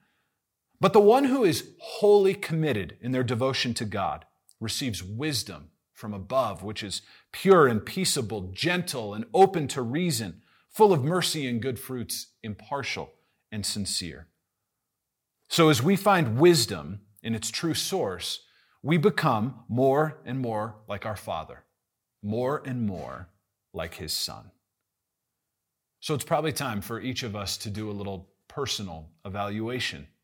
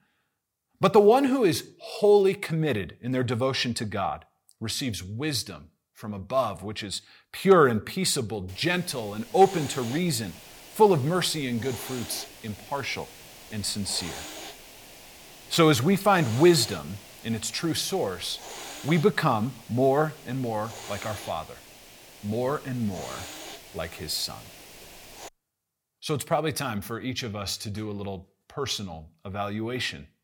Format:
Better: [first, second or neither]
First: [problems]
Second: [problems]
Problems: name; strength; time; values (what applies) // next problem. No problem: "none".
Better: first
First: none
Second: hiss; noticeable; from 8.5 to 25 s; 15 dB below the speech